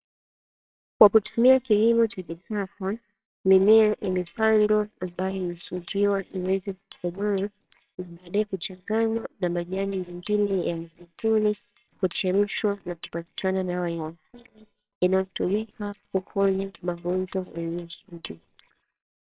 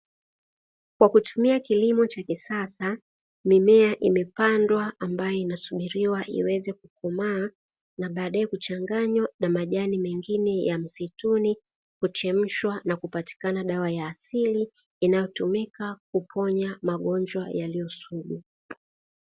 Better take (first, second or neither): second